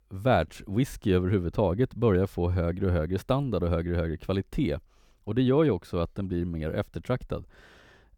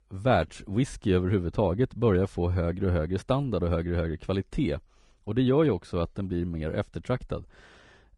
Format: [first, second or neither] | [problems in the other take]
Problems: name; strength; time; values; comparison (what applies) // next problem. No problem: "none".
first | garbled, watery; slightly; nothing above 10 kHz